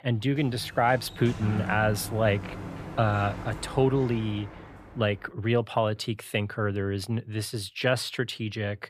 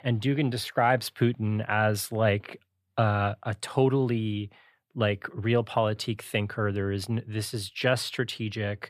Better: second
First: door banging; noticeable; until 5 s; peak 5 dB below the speech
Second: none

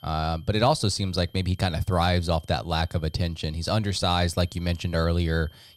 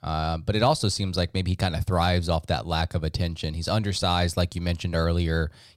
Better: second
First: high-pitched whine; faint; throughout; 3 kHz, 30 dB below the speech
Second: none

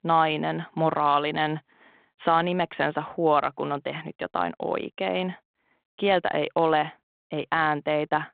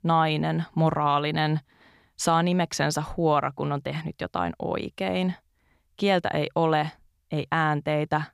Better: second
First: phone-call audio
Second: none

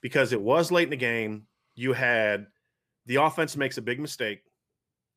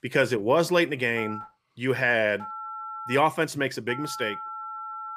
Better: first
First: none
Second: phone ringing; faint; from 1 s on; peak 10 dB below the speech

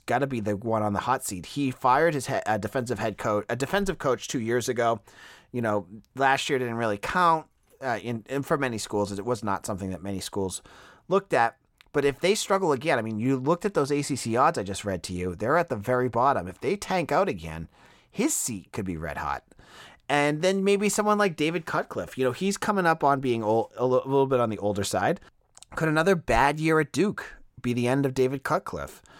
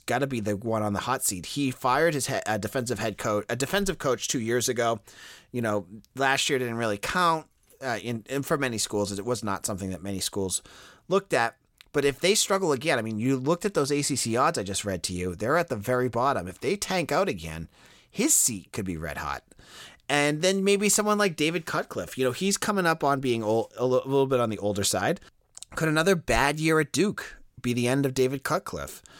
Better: second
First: muffled; slightly; fading above 3 kHz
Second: none

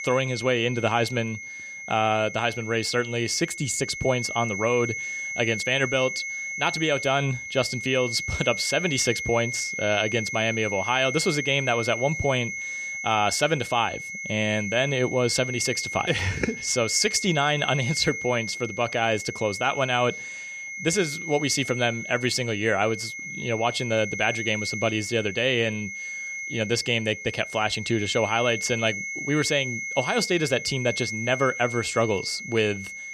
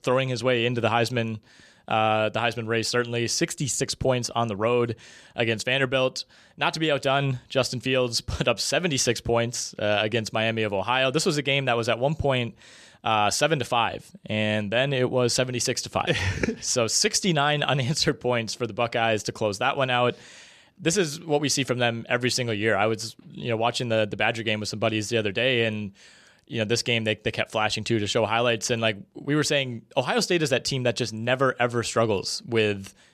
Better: second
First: high-pitched whine; loud; throughout; 2 kHz, 7 dB below the speech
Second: none

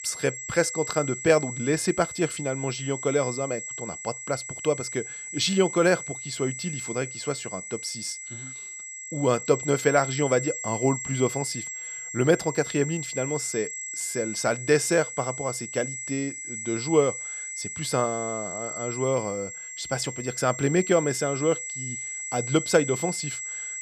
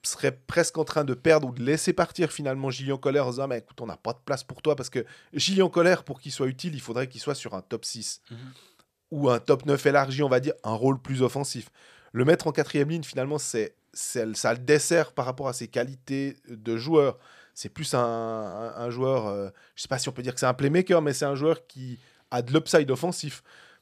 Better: second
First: high-pitched whine; loud; throughout; 7.5 kHz, 7 dB below the speech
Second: none

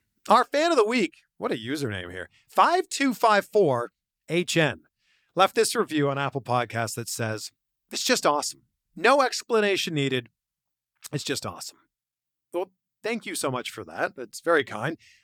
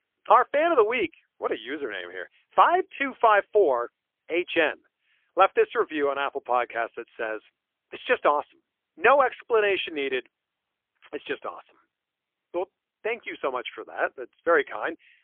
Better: first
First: none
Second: phone-call audio; poor line; nothing above 3.5 kHz

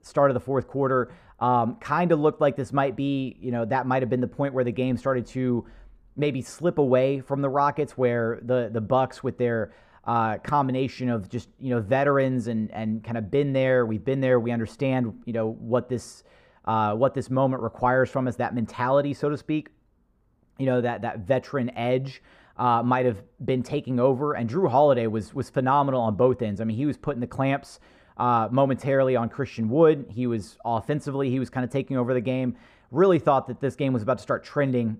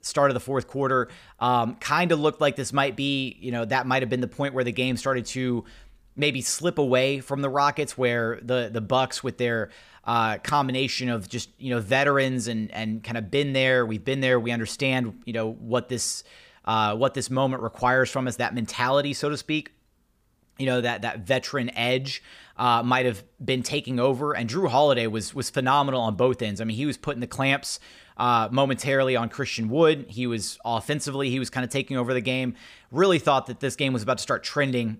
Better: second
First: muffled; very; fading above 2 kHz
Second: none

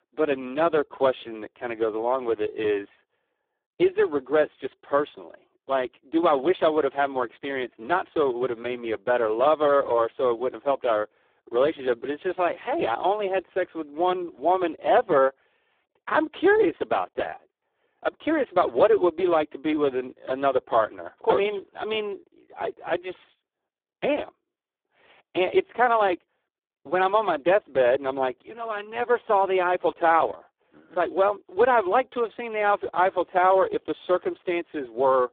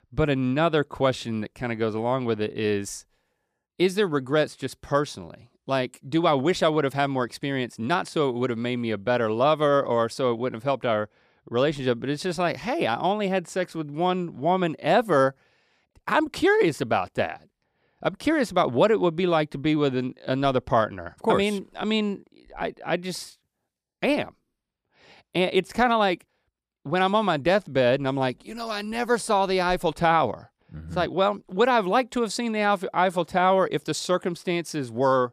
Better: second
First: phone-call audio; poor line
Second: none

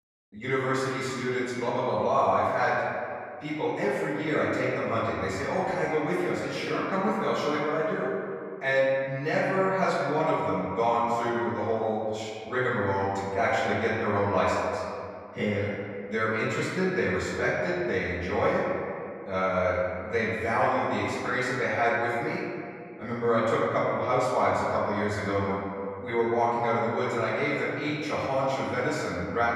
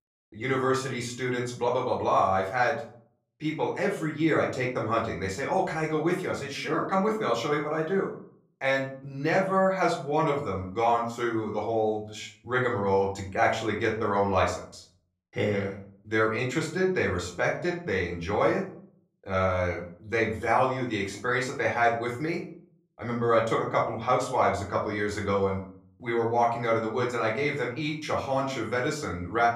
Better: second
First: room echo; strong; dies away in 2.2 s // off-mic speech; far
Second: room echo; slight; dies away in 0.5 s // off-mic speech; far

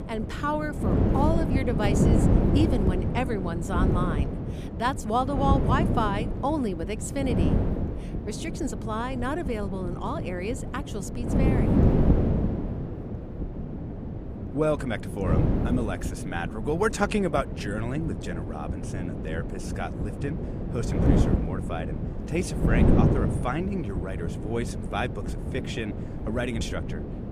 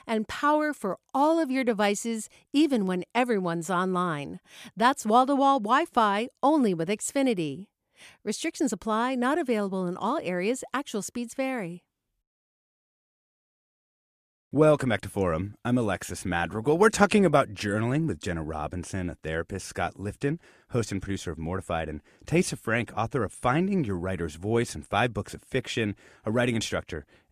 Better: second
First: wind noise on the microphone; heavy; 3 dB below the speech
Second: none

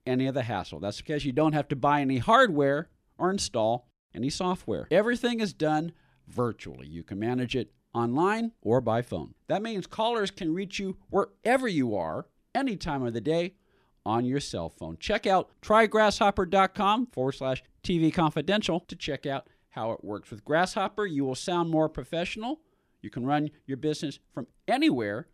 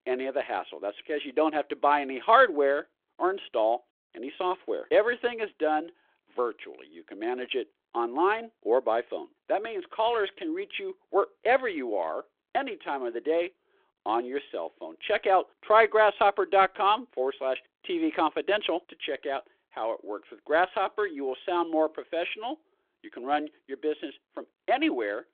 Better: first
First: none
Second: phone-call audio

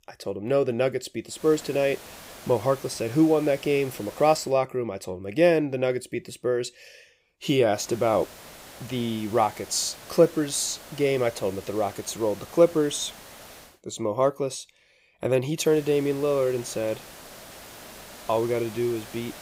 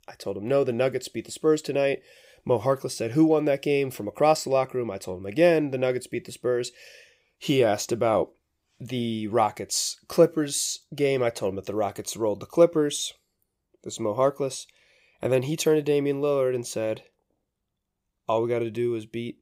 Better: second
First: hiss; noticeable; from 1.5 to 4.5 s, from 8 to 14 s and from 16 s on; 20 dB below the speech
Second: none

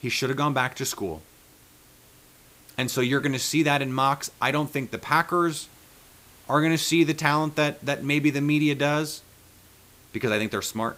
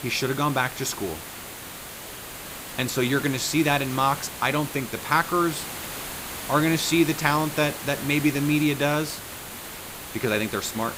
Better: first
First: hiss; faint; throughout; 30 dB below the speech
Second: hiss; loud; throughout; 10 dB below the speech

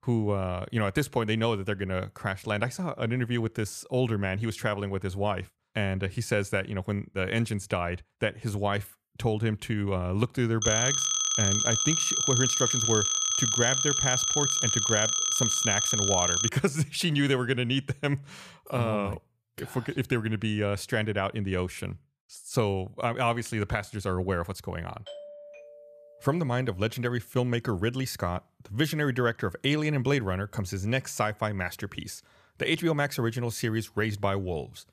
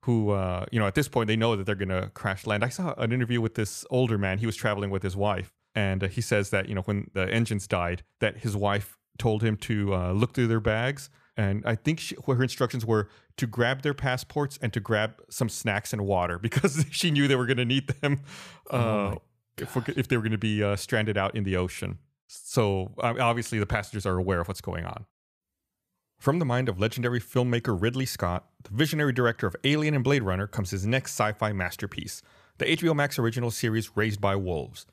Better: second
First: phone ringing; loud; from 11 to 16 s; peak 6 dB above the speech // doorbell; faint; from 25 to 27 s; peak 15 dB below the speech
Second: none

